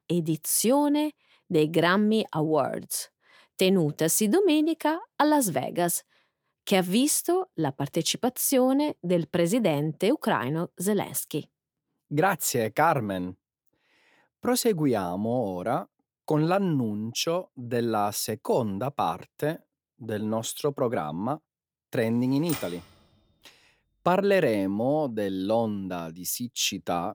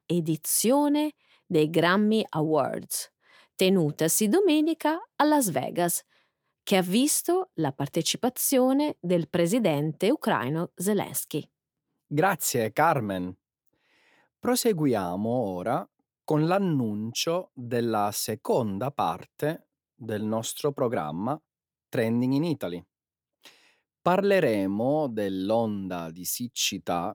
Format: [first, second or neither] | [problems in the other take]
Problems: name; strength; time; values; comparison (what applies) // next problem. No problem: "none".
second | keyboard typing; noticeable; at 22 s; peak 9 dB below the speech